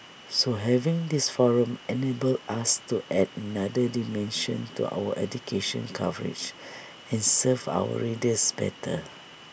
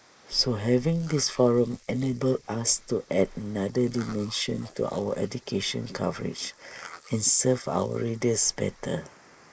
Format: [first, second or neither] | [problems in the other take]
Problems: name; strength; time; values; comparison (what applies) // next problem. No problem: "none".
first | noise reduction (neural mask model Resemble Enhance denoiser)